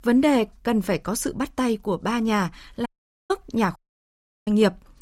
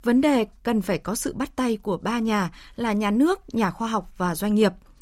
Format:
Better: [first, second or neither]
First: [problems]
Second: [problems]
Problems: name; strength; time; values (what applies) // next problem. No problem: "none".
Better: second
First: audio cutting out; at 3 s and at 4 s for 0.5 s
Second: none